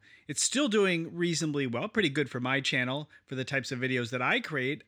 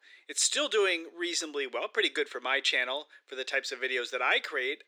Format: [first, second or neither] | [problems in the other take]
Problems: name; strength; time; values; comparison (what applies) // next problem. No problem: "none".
first | thin; very; fading below 350 Hz